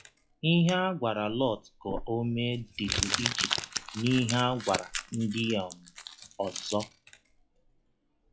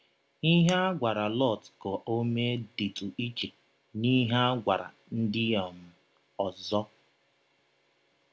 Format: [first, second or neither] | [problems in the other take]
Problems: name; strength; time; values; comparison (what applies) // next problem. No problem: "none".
second | noise reduction (classical method log-MMSE)